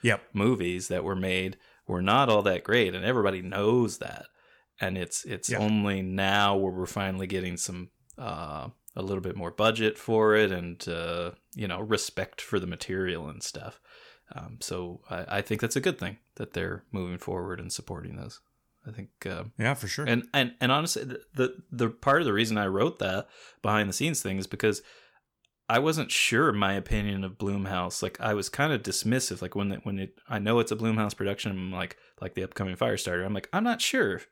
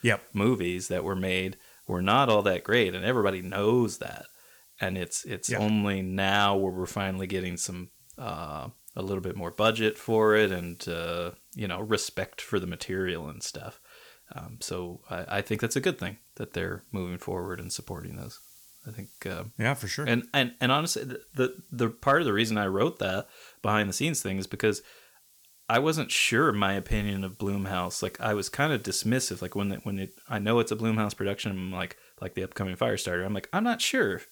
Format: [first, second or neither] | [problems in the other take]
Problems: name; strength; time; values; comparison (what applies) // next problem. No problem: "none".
first | hiss; faint; throughout; 25 dB below the speech